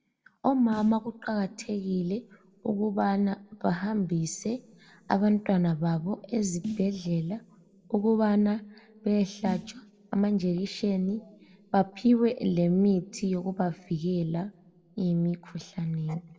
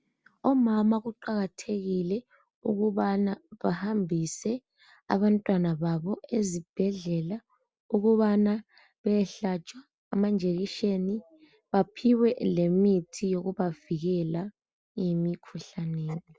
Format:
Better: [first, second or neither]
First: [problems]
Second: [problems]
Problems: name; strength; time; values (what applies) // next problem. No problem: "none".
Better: second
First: background sound (Snare drum); 14 dB below the speech // room echo; dies away in 0.9 s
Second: none